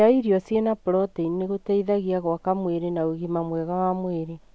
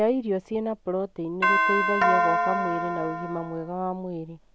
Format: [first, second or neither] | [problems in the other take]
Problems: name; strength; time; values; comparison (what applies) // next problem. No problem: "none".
first | background sound (Doorbell); 5 dB above the speech